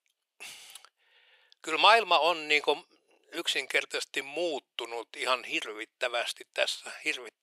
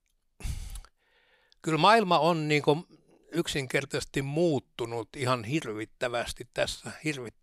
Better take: second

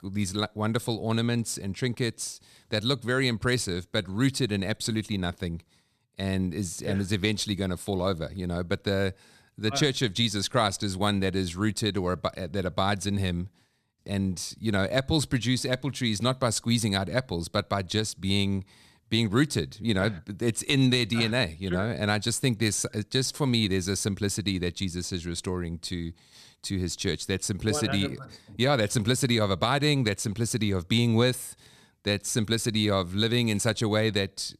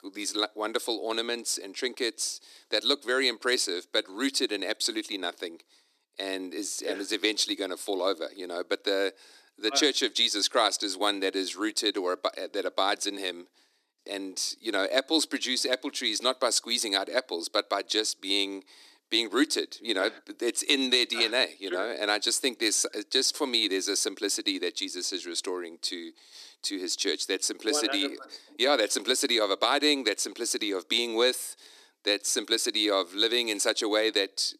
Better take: first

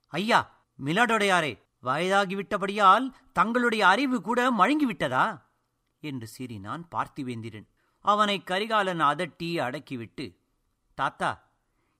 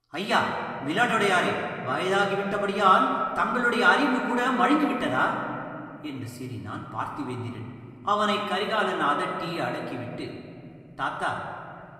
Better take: first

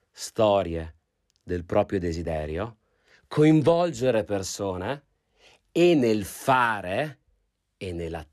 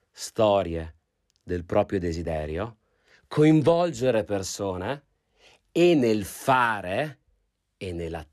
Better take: neither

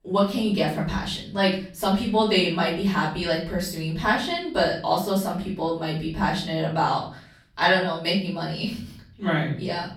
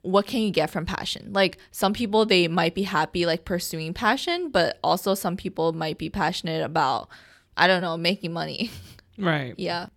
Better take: second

